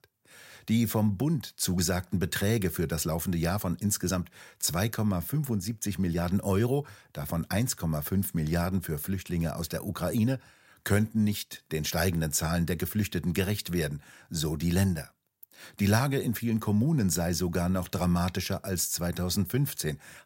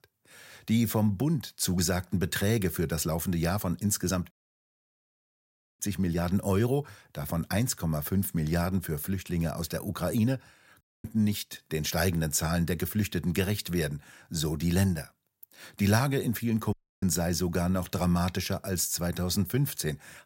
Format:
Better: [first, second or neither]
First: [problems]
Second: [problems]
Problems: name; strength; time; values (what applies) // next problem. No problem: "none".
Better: first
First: none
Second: audio cutting out; at 4.5 s for 1.5 s, at 11 s and at 17 s